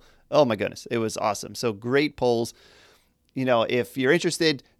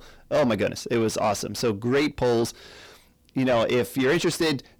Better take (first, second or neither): first